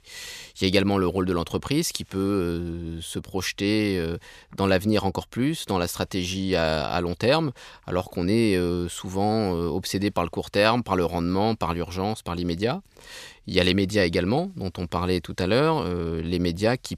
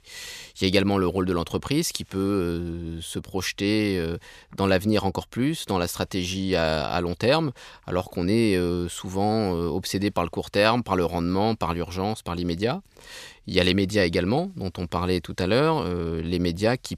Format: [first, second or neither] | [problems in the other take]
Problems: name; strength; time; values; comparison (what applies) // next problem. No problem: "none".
neither | none